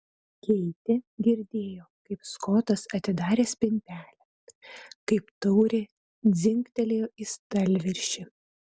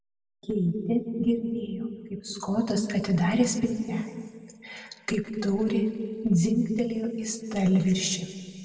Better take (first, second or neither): first